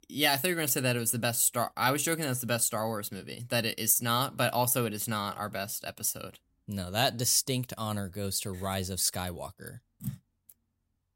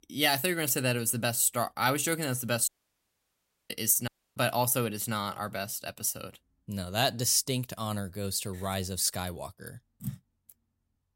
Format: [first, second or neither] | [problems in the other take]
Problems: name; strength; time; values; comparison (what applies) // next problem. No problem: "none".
first | audio cutting out; at 2.5 s for 1 s and at 4 s